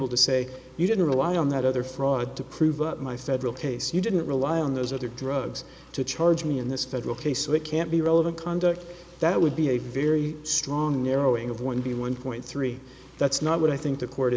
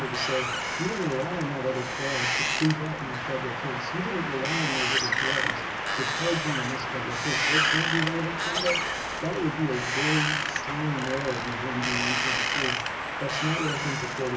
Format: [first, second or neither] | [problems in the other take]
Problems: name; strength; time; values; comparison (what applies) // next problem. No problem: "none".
first | background sound (Wind); 3 dB above the speech // room echo; dies away in 0.4 s